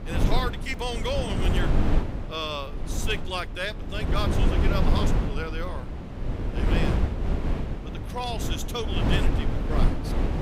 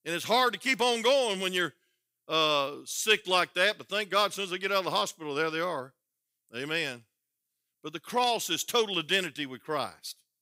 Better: second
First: wind noise on the microphone; heavy; 3 dB below the speech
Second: none

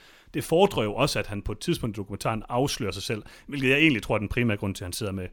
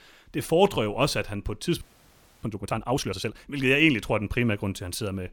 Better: first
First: none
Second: audio freezing; at 2 s for 0.5 s

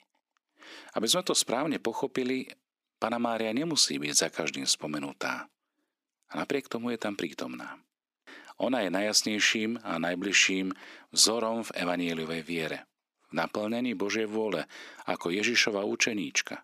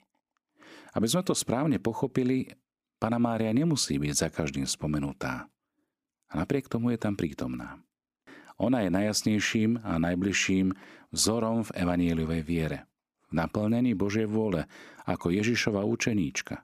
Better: second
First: thin; somewhat; fading below 350 Hz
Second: none

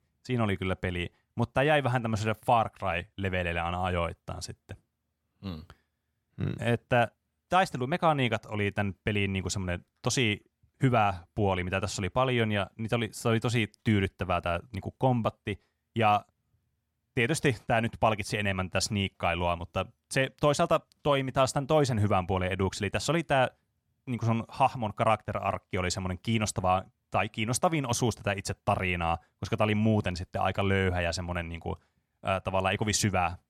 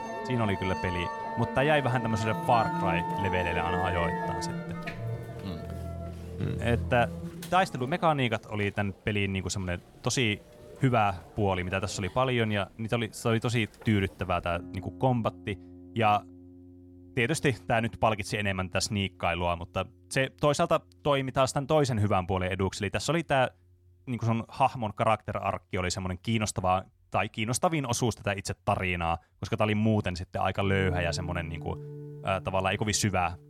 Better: first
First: none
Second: background music; loud; throughout; 8 dB below the speech

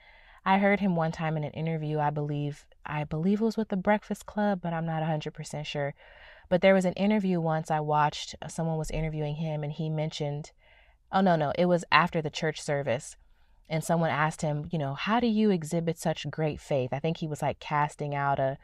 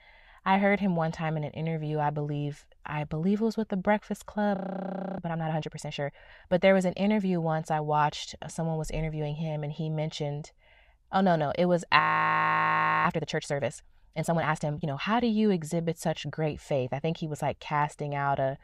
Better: first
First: none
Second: audio freezing; at 4.5 s for 0.5 s and at 12 s for 1 s

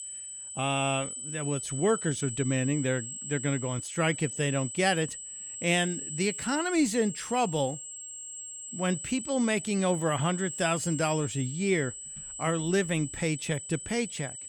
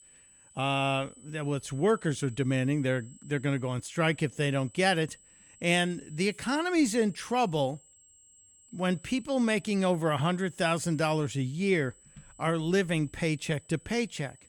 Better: second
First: high-pitched whine; loud; throughout; 8 kHz, 7 dB below the speech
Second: high-pitched whine; faint; throughout; 8 kHz, 25 dB below the speech

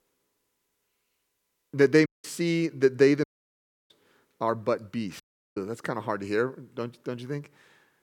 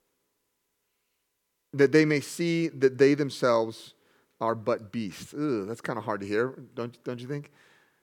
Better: second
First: audio cutting out; at 2 s, at 3 s for 0.5 s and at 5 s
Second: none

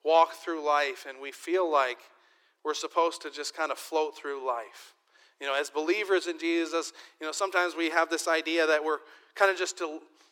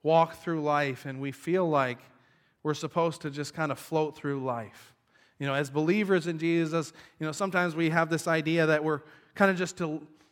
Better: second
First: thin; very; fading below 350 Hz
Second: none

